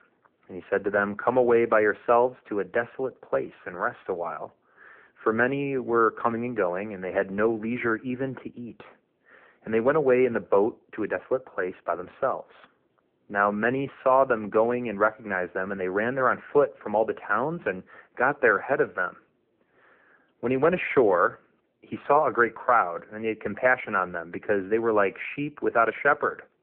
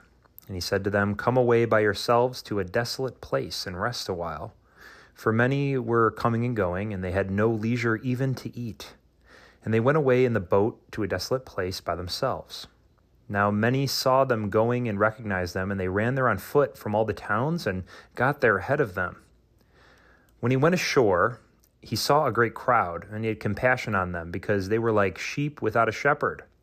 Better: second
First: phone-call audio; poor line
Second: none

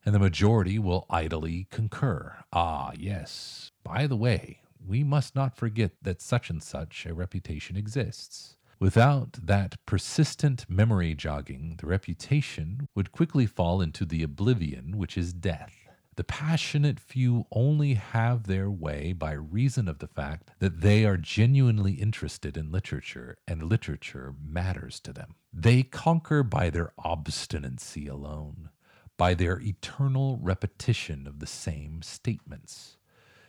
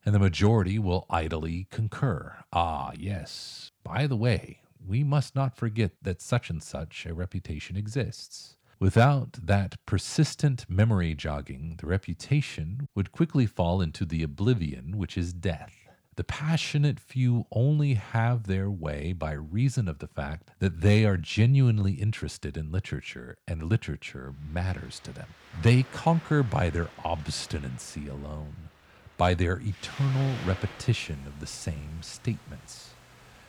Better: first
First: none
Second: rain or running water; noticeable; from 25 s on; 20 dB below the speech

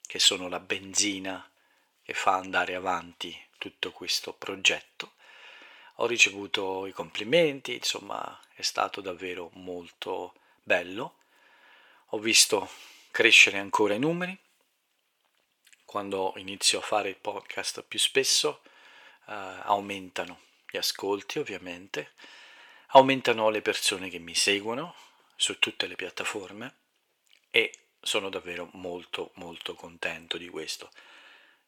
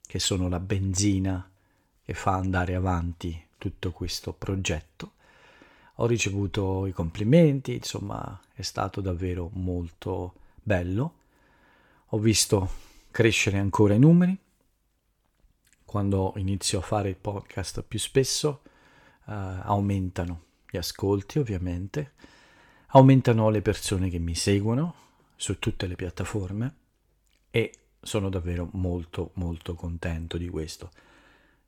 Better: second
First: thin; very; fading below 500 Hz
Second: none

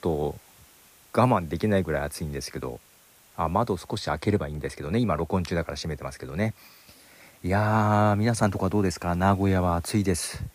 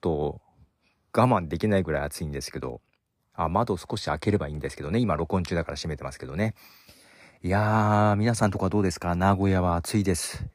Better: second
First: hiss; faint; throughout; 30 dB below the speech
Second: none

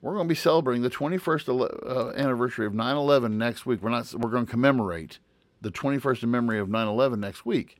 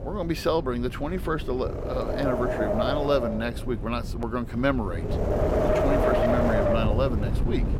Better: first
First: none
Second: wind noise on the microphone; heavy; 3 dB above the speech

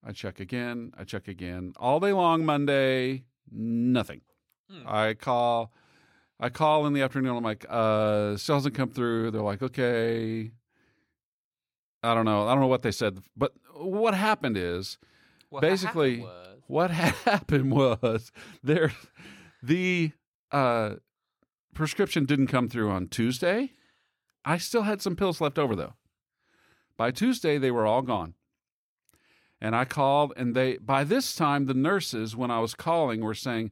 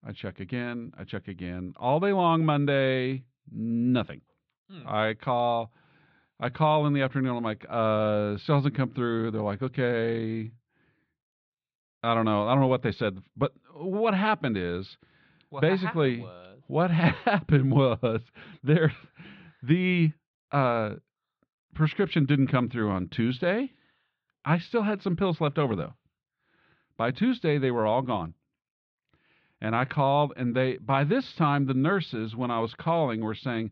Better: first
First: none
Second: muffled; slightly; fading above 3.5 kHz

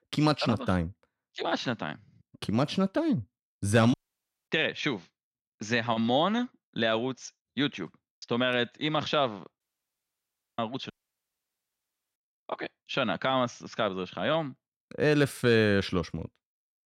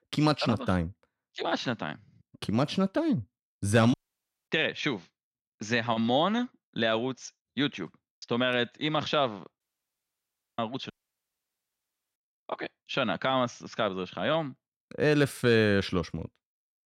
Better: neither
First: audio cutting out; at 4 s for 0.5 s, at 9.5 s for 1 s and at 11 s for 1.5 s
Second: audio cutting out; at 4 s for 0.5 s, at 9.5 s for 1 s and at 11 s for 1.5 s

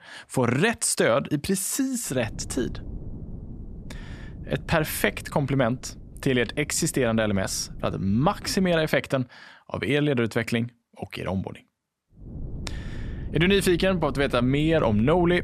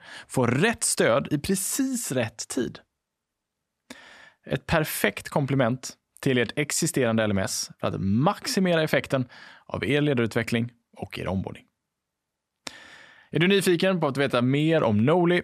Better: second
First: wind noise on the microphone; occasional gusts; from 2 to 9 s and from 12 s on; 25 dB below the speech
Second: none

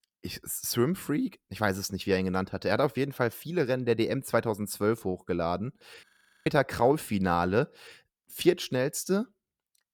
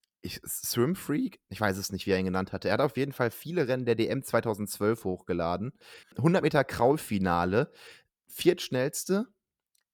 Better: second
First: audio freezing; at 6 s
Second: none

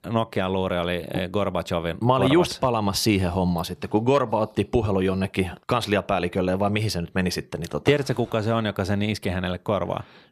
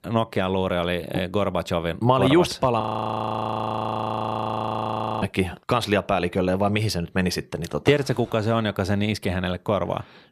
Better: first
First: none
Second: audio freezing; at 3 s for 2.5 s

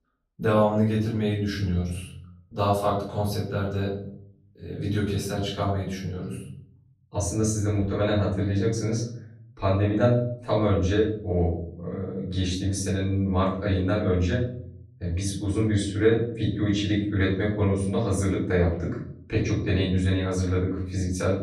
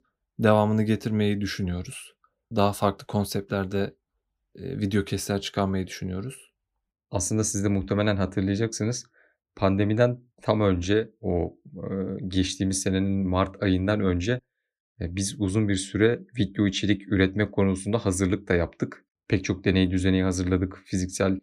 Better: second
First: off-mic speech; far // room echo; noticeable; dies away in 0.7 s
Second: none

